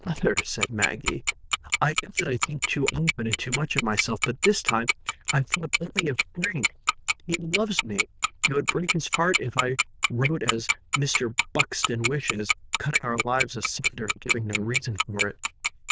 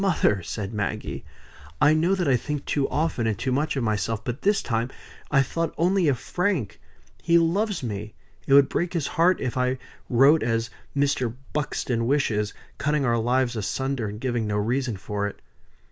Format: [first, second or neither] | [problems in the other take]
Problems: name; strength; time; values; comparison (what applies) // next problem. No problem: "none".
second | noise reduction (neural diffusion model UNIVERSE++)